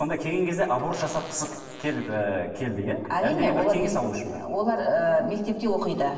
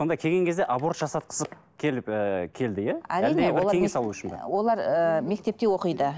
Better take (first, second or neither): second